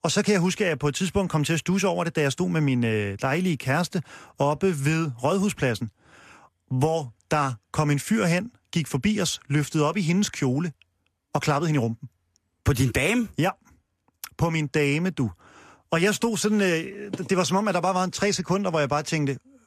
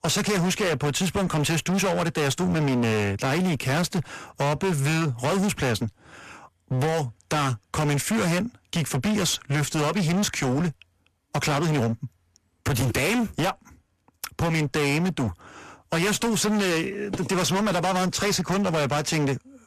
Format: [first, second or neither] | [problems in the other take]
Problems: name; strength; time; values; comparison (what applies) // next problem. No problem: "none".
first | distortion; heavy; 31% of the sound clipped